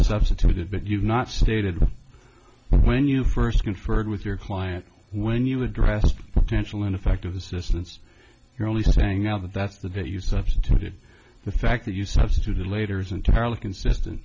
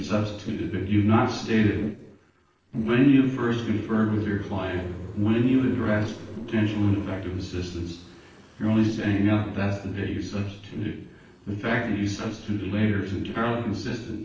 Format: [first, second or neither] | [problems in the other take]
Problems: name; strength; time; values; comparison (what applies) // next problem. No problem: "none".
first | noise reduction (neural separator model SepFormer DNS4)